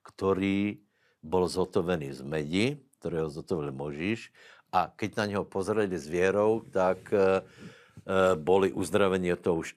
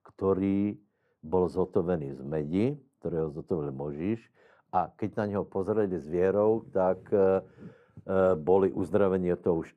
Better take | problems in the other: first | muffled; very; fading above 1.5 kHz

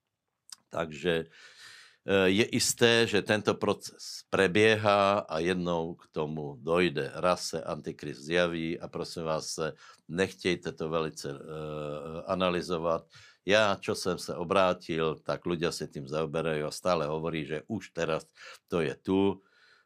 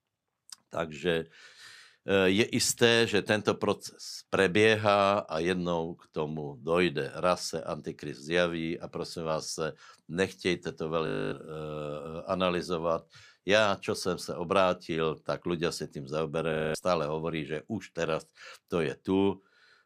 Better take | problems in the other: first | audio freezing; at 11 s and at 17 s

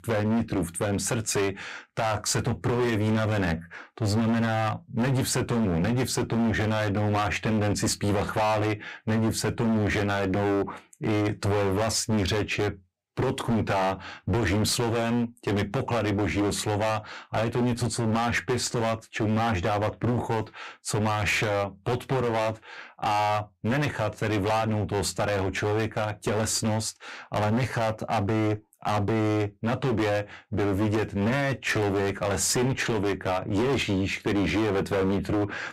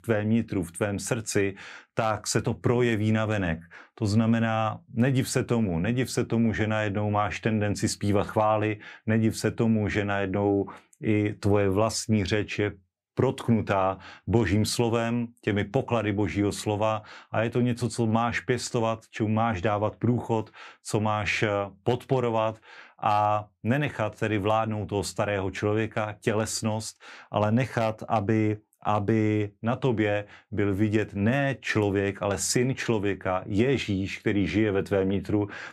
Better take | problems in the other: second | distortion; heavy; 21% of the sound clipped

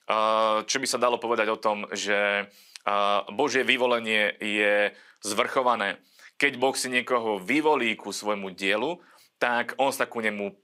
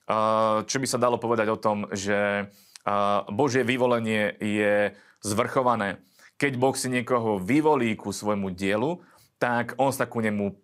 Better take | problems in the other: second | thin; very slightly; fading below 300 Hz

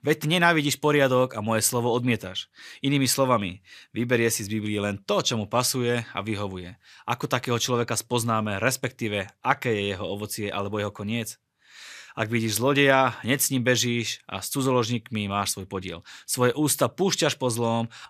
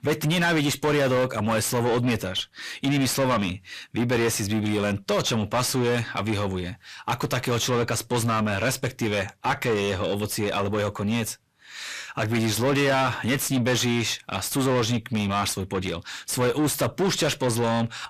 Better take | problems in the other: first | distortion; heavy; 6 dB below the speech

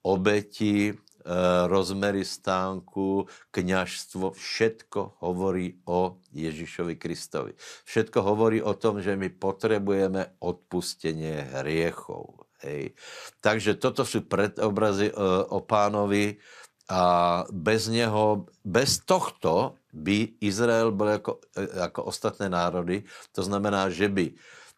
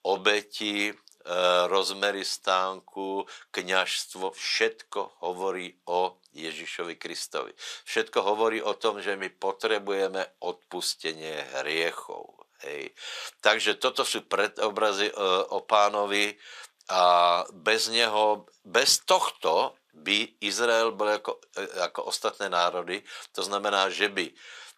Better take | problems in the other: first | thin; very; fading below 550 Hz

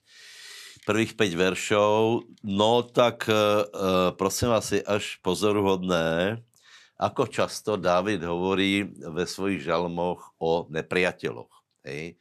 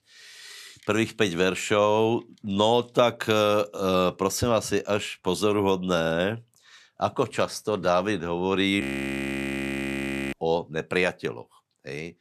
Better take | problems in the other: first | audio freezing; at 9 s for 1.5 s

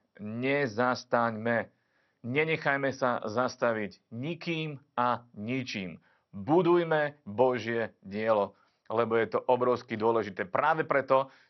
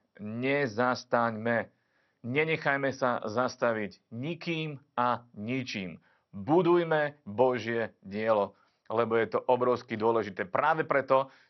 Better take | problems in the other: neither | garbled, watery; slightly; nothing above 6 kHz; the same in both

